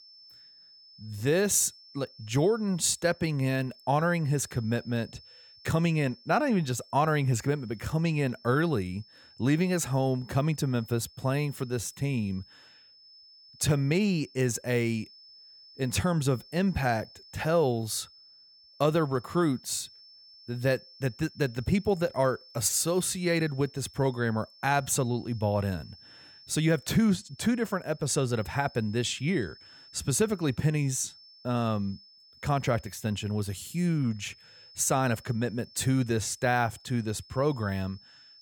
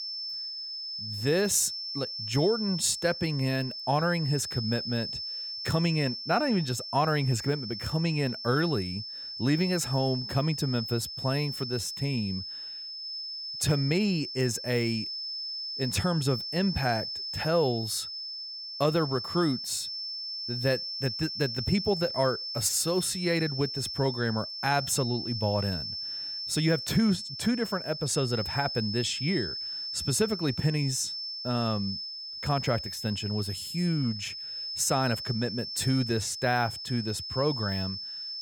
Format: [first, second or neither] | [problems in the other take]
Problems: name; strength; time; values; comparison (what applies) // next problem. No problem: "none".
first | high-pitched whine; loud; throughout; 5.5 kHz, 5 dB below the speech; faint in the first